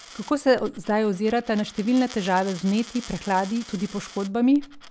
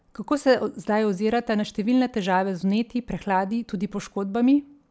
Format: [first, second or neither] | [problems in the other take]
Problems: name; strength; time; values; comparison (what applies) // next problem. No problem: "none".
second | background sound (Coin (dropping)); 19 dB below the speech